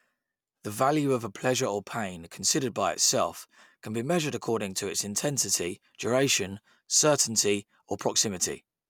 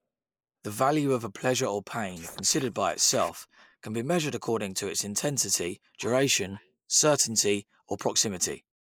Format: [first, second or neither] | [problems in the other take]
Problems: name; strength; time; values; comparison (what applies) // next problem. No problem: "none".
first | noise reduction (neural mask model Resemble Enhance denoiser)